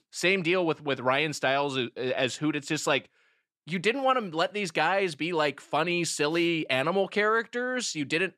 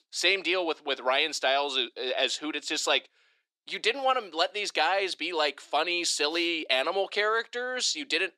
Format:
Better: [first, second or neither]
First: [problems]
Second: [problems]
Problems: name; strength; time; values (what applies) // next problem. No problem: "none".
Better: first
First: none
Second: thin; somewhat; fading below 350 Hz